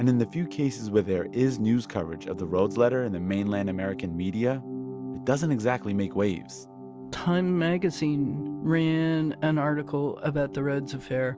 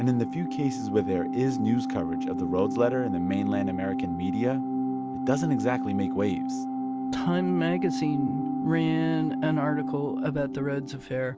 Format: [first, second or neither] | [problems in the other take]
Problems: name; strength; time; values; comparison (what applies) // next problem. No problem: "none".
first | background sound (Organ); 2 dB below the speech